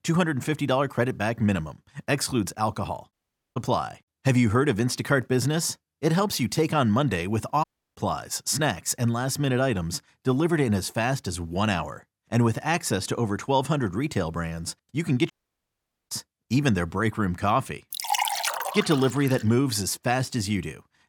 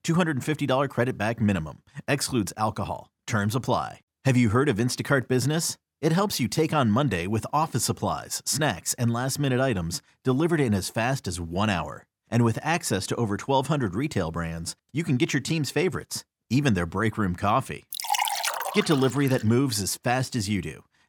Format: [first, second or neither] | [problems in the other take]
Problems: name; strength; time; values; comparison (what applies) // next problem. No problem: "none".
second | audio cutting out; at 3 s, at 7.5 s and at 15 s for 1 s